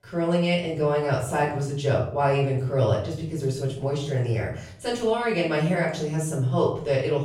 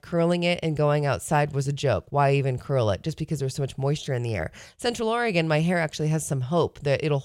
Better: second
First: off-mic speech; far // room echo; noticeable; dies away in 0.5 s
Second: none

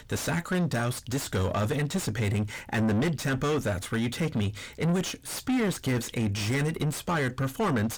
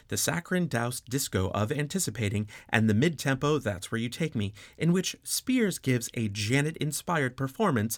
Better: second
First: distortion; heavy; 5 dB below the speech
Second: none

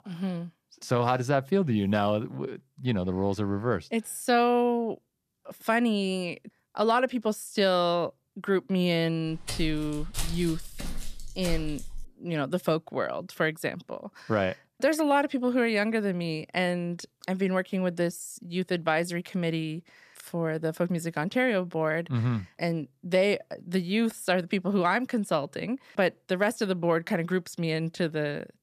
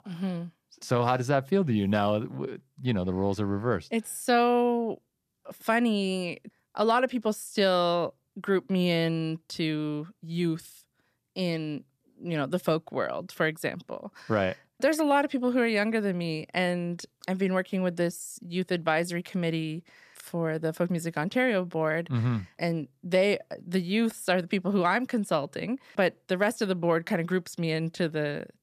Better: second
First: footsteps; noticeable; from 9.5 to 12 s; peak 7 dB below the speech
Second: none

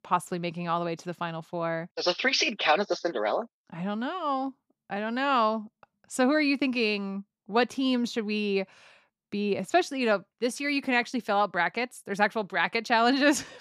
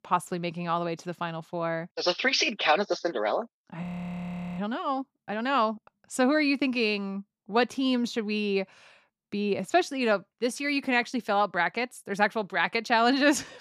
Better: first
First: none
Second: audio freezing; at 4 s for 1 s

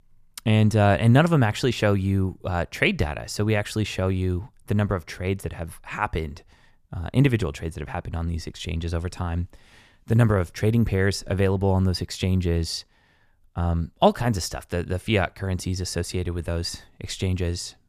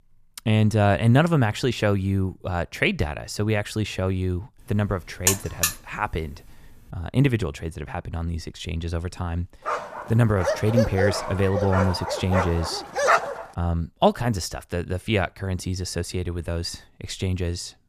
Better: first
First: none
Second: alarm; loud; at 5.5 s; peak 2 dB above the speech // dog barking; loud; from 9.5 to 13 s; peak 5 dB above the speech

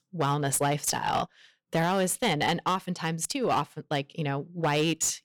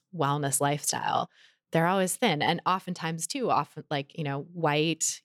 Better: second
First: distortion; slight; 7% of the sound clipped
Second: none

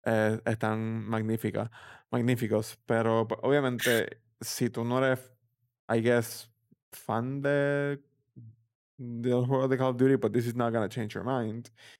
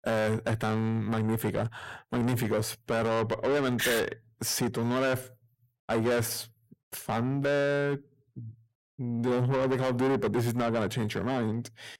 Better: first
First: none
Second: distortion; heavy; 5 dB below the speech

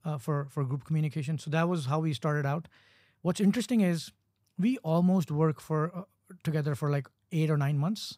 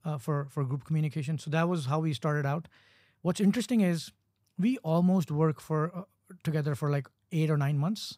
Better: neither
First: none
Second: none

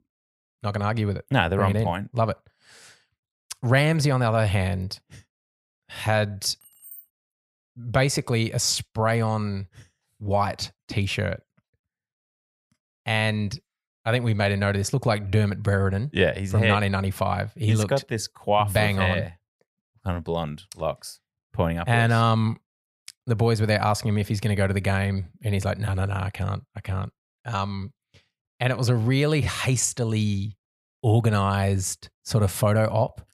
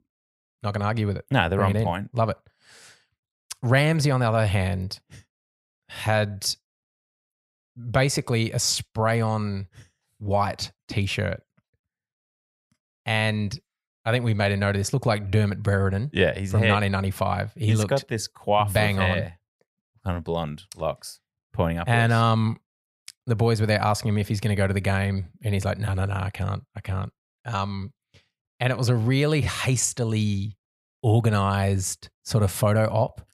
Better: second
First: jangling keys; faint; at 6.5 s; peak 20 dB below the speech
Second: none

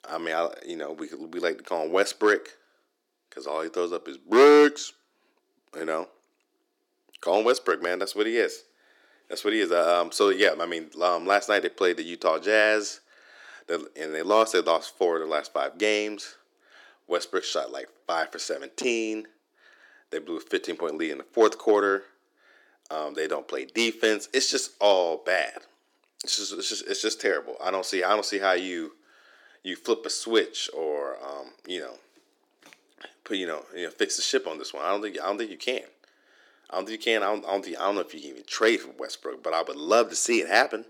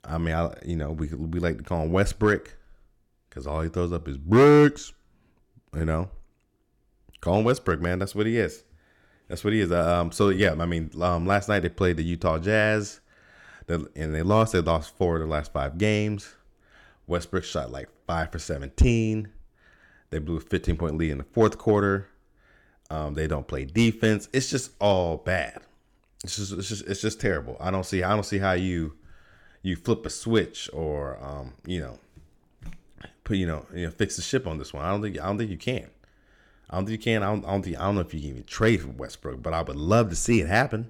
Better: second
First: thin; somewhat; fading below 300 Hz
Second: none

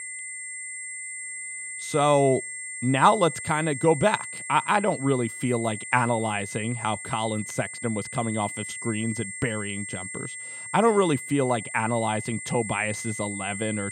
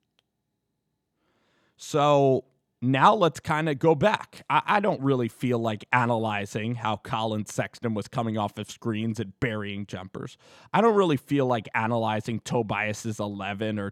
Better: second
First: high-pitched whine; loud; throughout; 2 kHz, 8 dB below the speech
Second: none

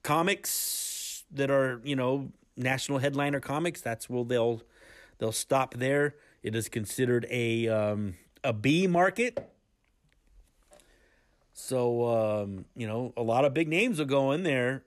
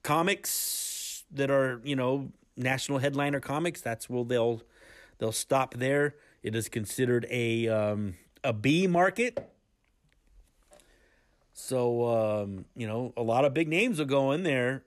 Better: neither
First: none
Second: none

